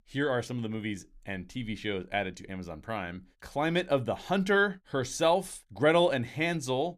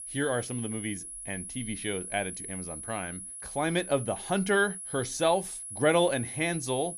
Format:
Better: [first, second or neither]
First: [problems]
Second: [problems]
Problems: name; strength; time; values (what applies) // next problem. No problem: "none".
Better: first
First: none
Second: high-pitched whine; loud; throughout; 10.5 kHz, 8 dB below the speech